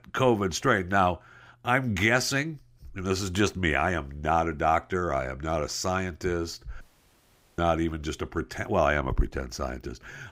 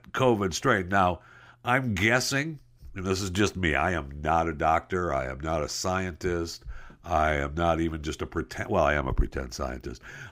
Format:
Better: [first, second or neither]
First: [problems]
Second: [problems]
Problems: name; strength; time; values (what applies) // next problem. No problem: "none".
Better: second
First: audio cutting out; at 7 s for 1 s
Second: none